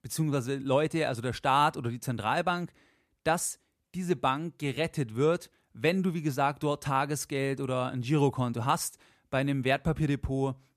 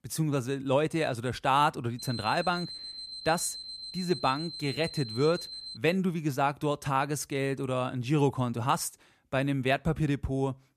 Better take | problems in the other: first | alarm; noticeable; from 2 to 6 s; peak 9 dB below the speech

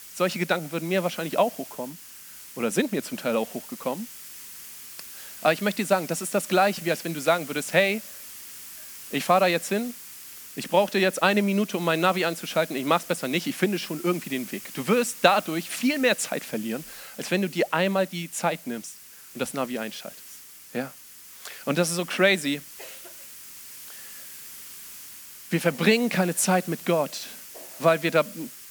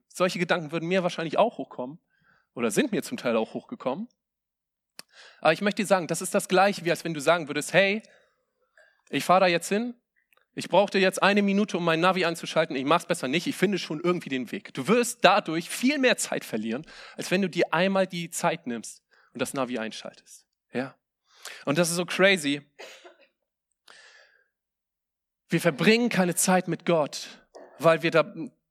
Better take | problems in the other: second | hiss; noticeable; throughout; 15 dB below the speech

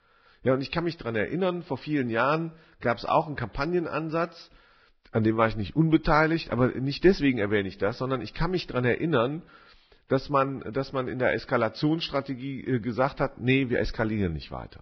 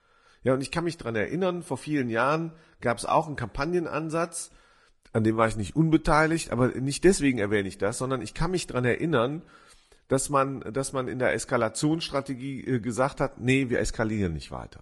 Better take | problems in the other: second | garbled, watery; badly; nothing above 5.5 kHz; slightly in the second

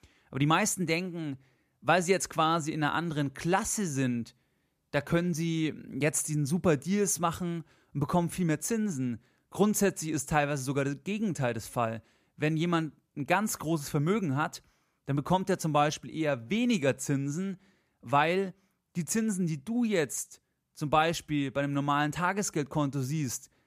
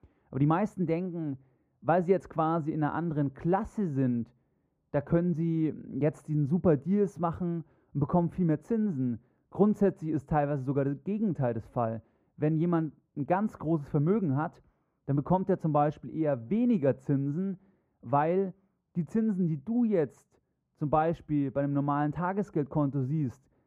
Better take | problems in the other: first | muffled; very; fading above 2 kHz

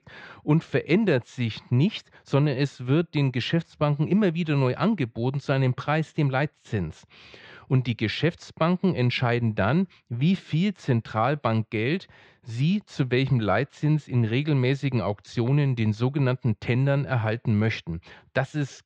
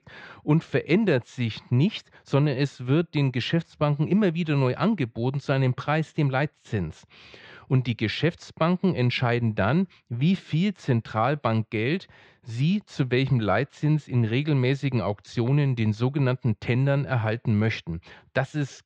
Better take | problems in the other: neither | muffled; slightly; fading above 3.5 kHz; the same in both

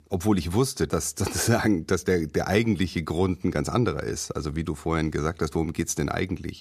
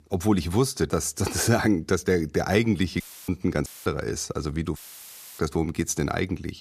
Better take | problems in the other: first | audio cutting out; filled with static; at 3 s, at 3.5 s and at 5 s for 0.5 s

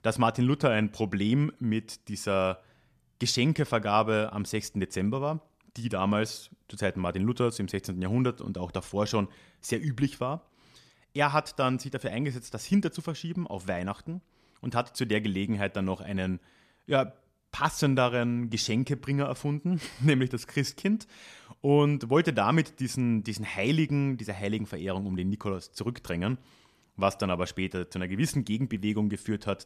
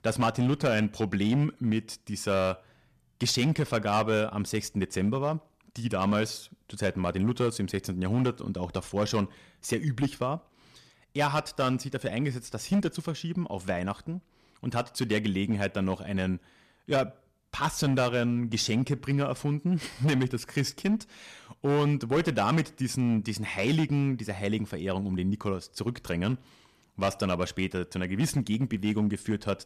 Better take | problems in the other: first | distortion; slight; 5% of the sound clipped

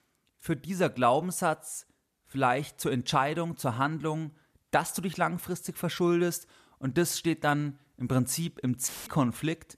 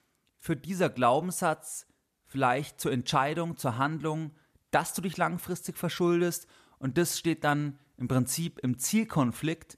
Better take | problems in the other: second | audio cutting out; filled with static; at 9 s

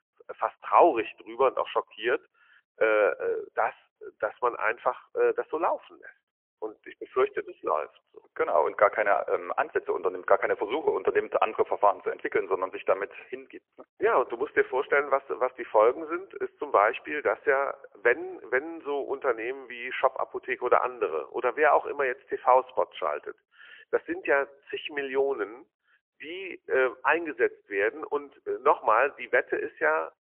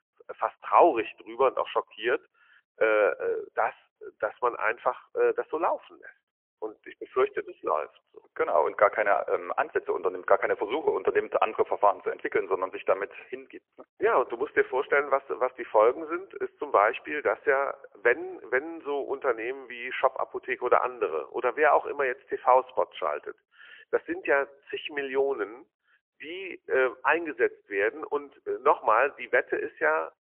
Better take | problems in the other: neither | phone-call audio; poor line; nothing above 3 kHz; the same in both

